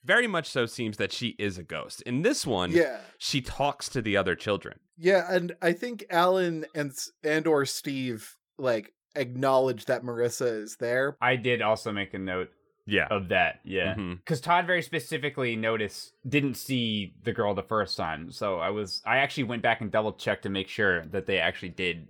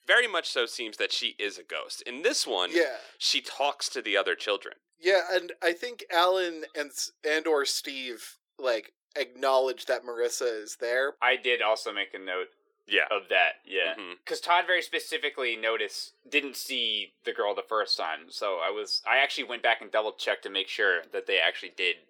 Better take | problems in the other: first | thin; very; fading below 350 Hz

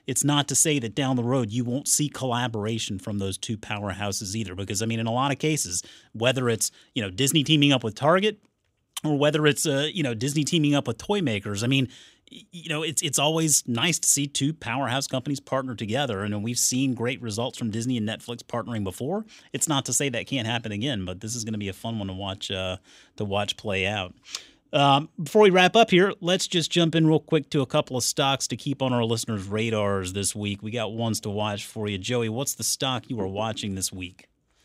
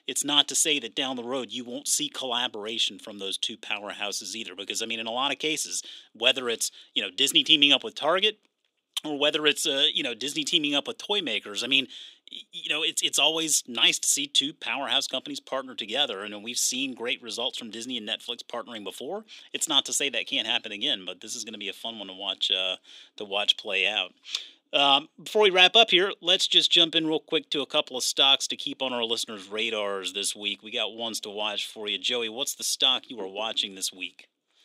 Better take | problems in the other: first | thin; somewhat; fading below 300 Hz

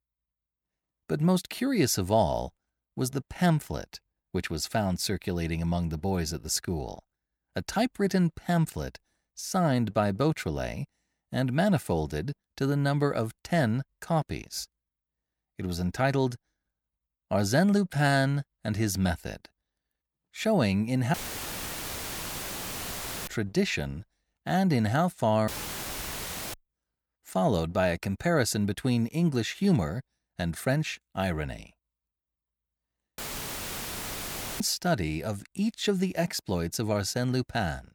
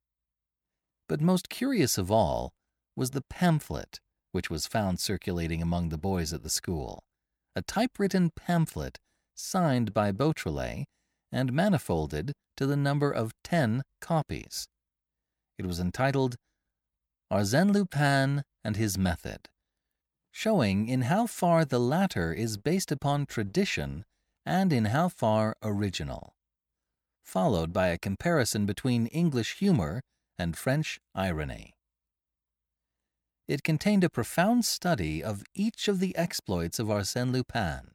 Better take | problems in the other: second | audio cutting out; filled with static; at 21 s for 2 s, at 25 s for 1 s and at 33 s for 1.5 s

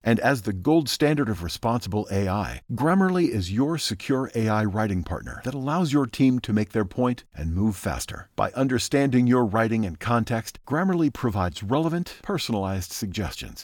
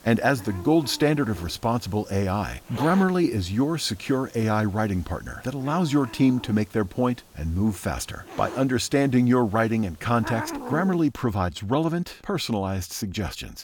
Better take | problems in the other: first | hiss; noticeable; until 11 s; 15 dB below the speech

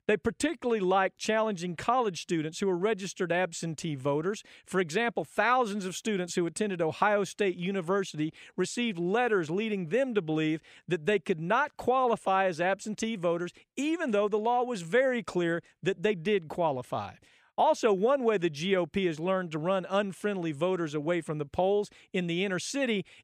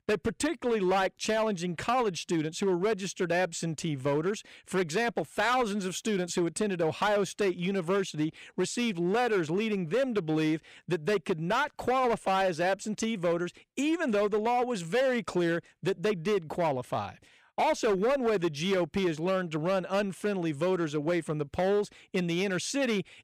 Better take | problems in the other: first | distortion; slight; 10% of the sound clipped

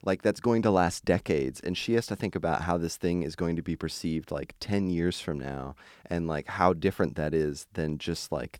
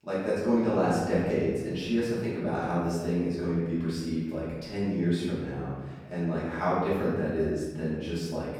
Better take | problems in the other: first | room echo; strong; dies away in 1.3 s // off-mic speech; far

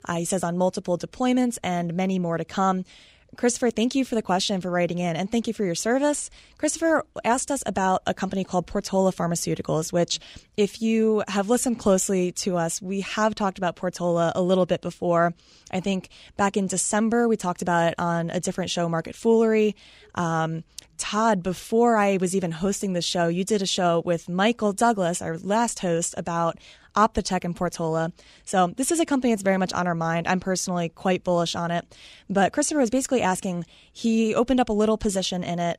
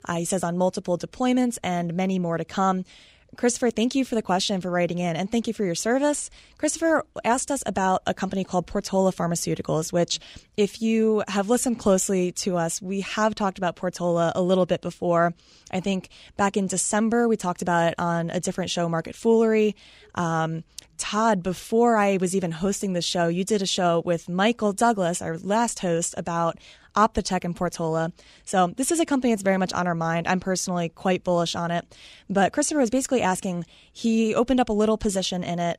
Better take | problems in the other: neither | none

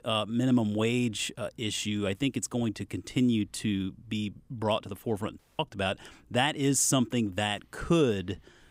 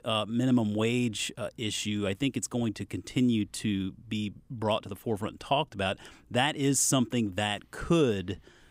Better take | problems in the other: second | audio cutting out; at 5.5 s

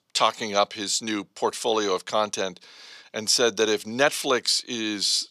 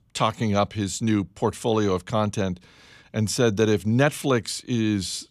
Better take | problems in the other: second | thin; somewhat; fading below 450 Hz

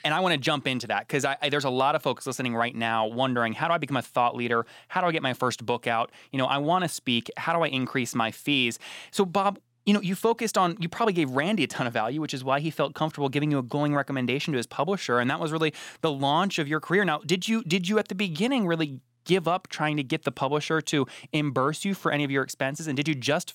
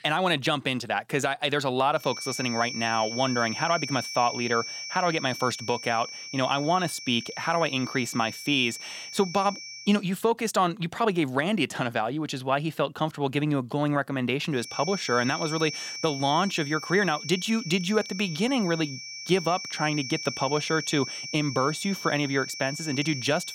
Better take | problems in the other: first | high-pitched whine; loud; from 2 to 10 s and from 15 s on; 5.5 kHz, 8 dB below the speech

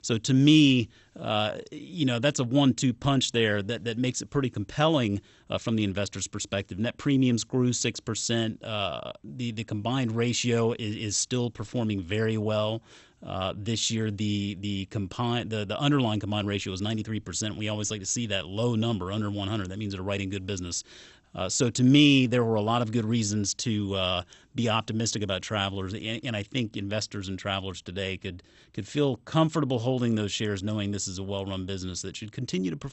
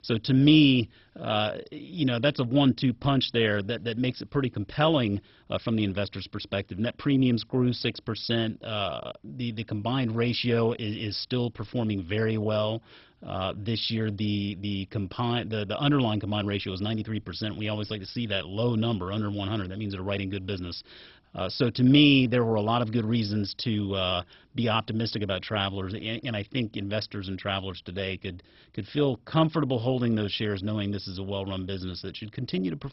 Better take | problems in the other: first | garbled, watery; badly; nothing above 5.5 kHz; slightly in the first

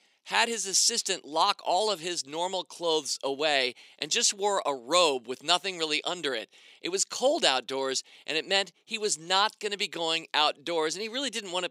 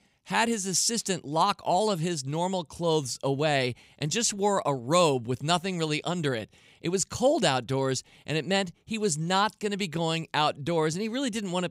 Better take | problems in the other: second | thin; somewhat; fading below 300 Hz

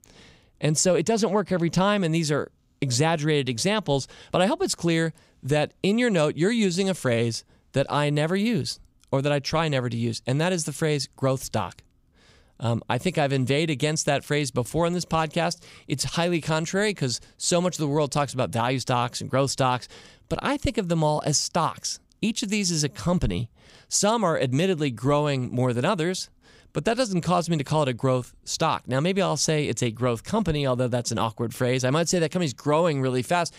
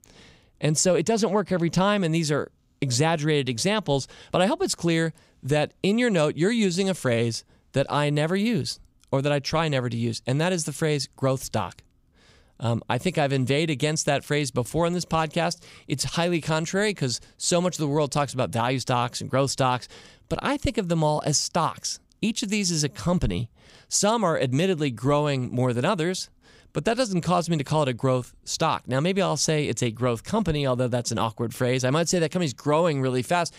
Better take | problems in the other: neither | none

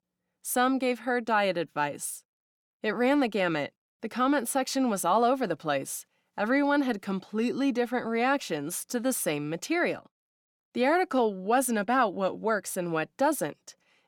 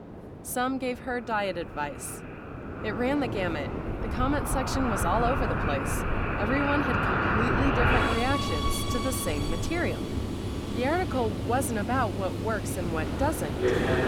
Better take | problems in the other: first | train or aircraft noise; very loud; throughout; 1 dB above the speech

